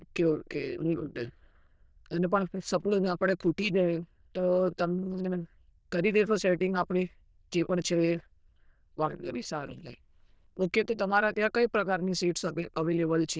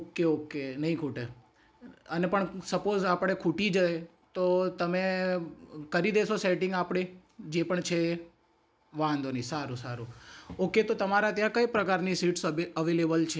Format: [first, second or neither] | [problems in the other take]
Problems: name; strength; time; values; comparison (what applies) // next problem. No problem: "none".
second | noise reduction (neural diffusion model UNIVERSE++)